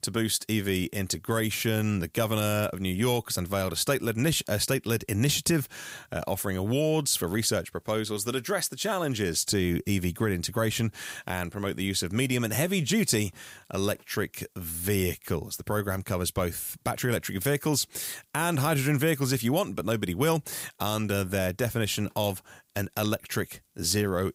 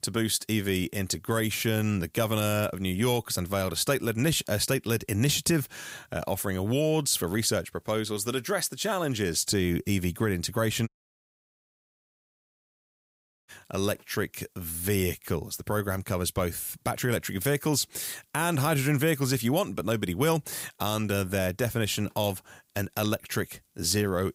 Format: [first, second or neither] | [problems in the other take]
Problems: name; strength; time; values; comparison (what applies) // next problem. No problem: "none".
first | audio cutting out; at 11 s for 2.5 s